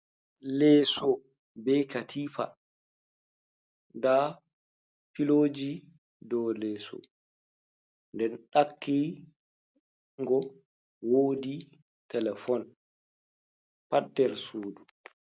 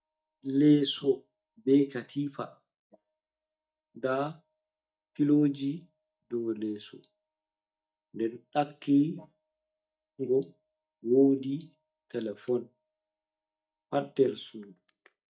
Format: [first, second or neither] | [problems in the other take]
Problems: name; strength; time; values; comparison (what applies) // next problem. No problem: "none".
first | noise reduction (neural mask model DeepFilterNet 3)